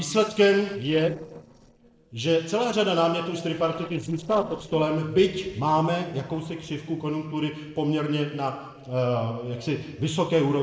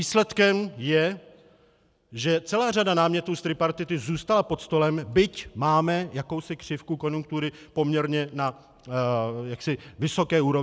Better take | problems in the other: second | noise reduction (neural separator model SepFormer DNS4)

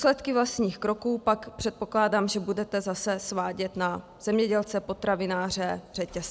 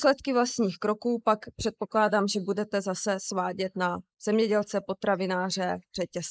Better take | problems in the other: first | noise reduction (neural mask model Resemble Enhance denoiser)

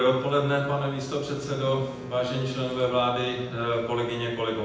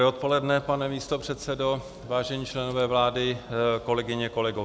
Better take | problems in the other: second | background sound (Bowed string instrument); 17 dB below the speech // room echo; dies away in 0.9 s

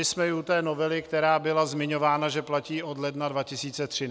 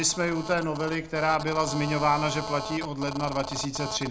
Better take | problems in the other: first | background sound (Telephone); 9 dB below the speech // room echo; dies away in 0.3 s

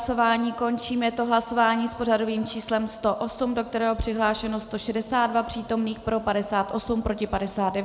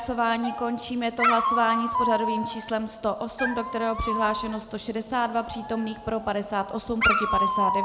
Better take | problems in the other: first | background sound (Dog); 1 dB below the speech

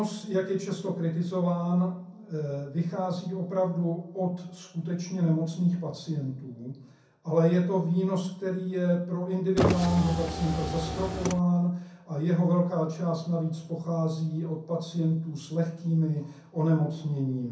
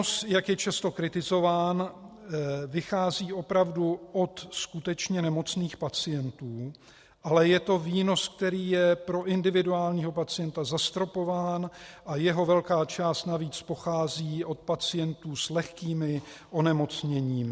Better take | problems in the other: second | background sound (Car); 1 dB below the speech // room echo; dies away in 0.6 s

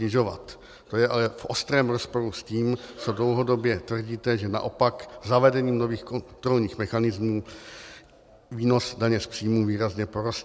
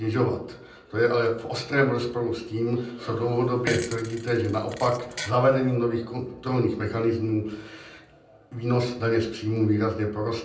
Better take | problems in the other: first | background sound (Fart); 12 dB below the speech // room echo; dies away in 0.6 s

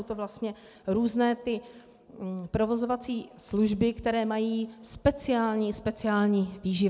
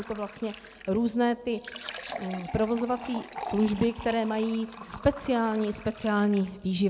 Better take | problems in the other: first | background sound (Fill (with liquid)); 14 dB below the speech

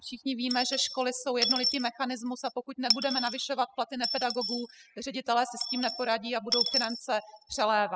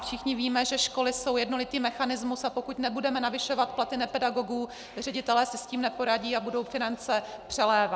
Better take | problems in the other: second | noise reduction (classical method spectral subtraction)

